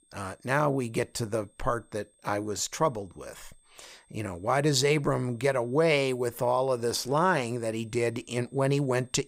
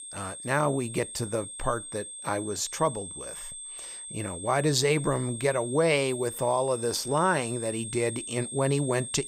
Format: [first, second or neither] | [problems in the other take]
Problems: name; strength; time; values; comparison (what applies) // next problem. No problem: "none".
first | high-pitched whine; loud; throughout; 8.5 kHz, 9 dB below the speech; faint in the first